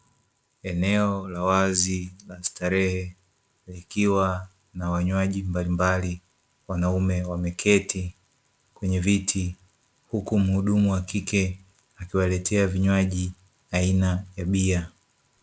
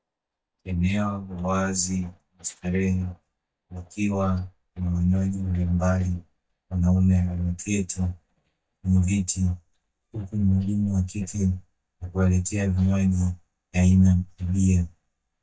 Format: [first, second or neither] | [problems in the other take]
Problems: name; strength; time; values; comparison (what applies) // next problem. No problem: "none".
first | noise reduction (neural mask model DeepFilterNet 3)